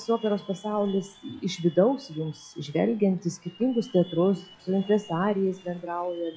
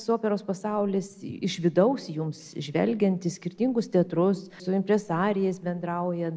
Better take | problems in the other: second | noise reduction (classical method log-MMSE)

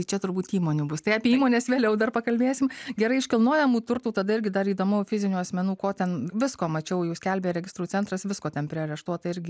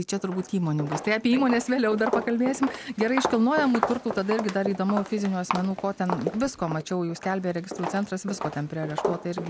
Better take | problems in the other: first | background sound (Walk, footsteps); 7 dB below the speech

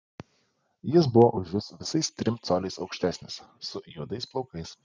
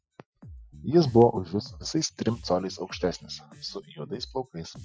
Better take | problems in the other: first | noise reduction (classical method Wiener filter)

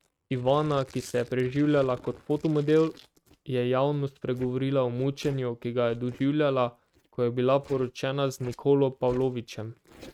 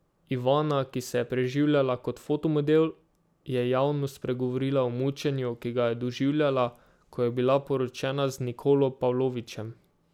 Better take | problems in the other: second | noise reduction (neural mask model RNNoise)

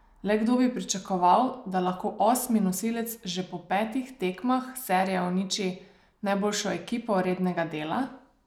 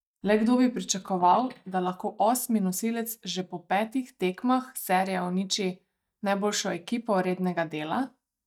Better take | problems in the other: first | noise reduction (neural mask model DeepFilterNet 3)

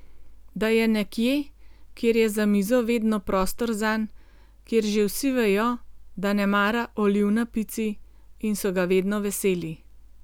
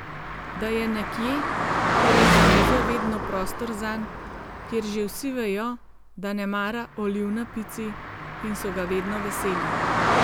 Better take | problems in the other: first | background sound (Car passing by); 3 dB above the speech

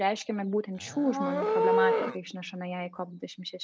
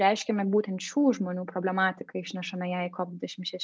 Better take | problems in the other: second | background sound (Livestock, farm animals, working animals); 1 dB above the speech

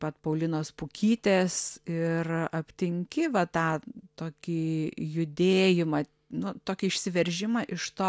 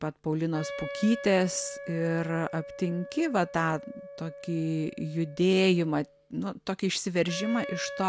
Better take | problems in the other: first | background sound (Wind instrument, woodwind instrument); 13 dB below the speech

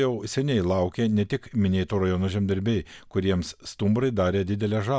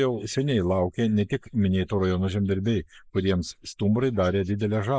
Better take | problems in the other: first | noise reduction (neural mask model Resemble Enhance denoiser)

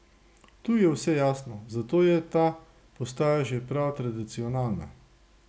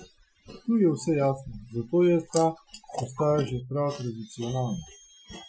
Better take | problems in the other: first | noise reduction (classical method Wiener filter)

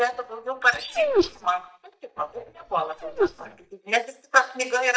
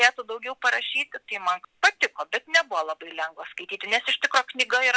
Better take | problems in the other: second | noise reduction (neural mask model DeepFilterNet 3)

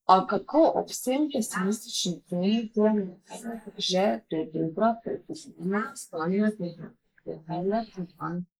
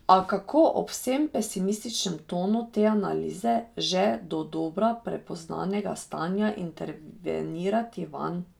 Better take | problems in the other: second | noise reduction (neural mask model Resemble Enhance denoiser)

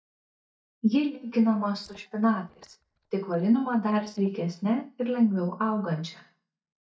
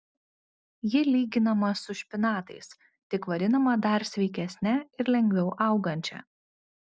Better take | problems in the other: second | noise reduction (neural mask model DeepFilterNet 3)

